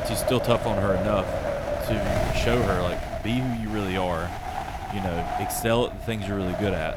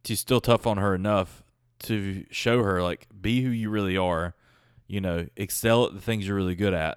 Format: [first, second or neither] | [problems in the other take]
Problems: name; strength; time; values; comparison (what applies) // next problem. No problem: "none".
second | wind noise on the microphone; heavy; 1 dB below the speech